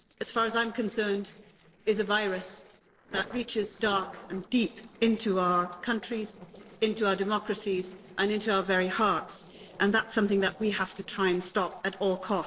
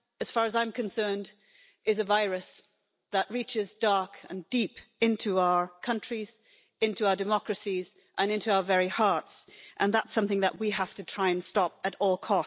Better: second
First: noise reduction (neural separator model SepFormer DNS4)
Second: none

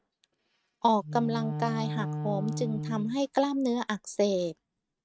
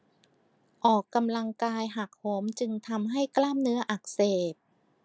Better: second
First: noise reduction (neural mask model RNNoise)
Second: none

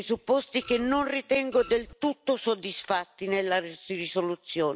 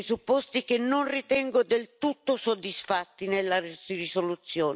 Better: second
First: background sound (Printer); 18 dB below the speech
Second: none

